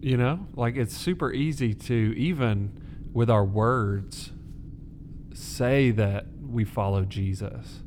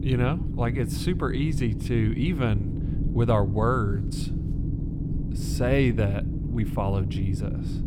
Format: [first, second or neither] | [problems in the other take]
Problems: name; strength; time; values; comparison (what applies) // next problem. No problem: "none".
first | low rumble; loud; throughout; 10 dB below the speech; faint in the first